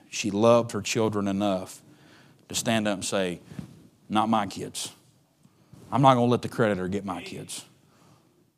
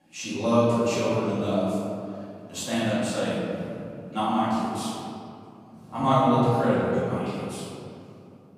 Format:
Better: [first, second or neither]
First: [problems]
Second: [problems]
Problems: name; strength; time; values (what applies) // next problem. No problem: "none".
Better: first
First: none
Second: off-mic speech; far // room echo; strong; dies away in 2.4 s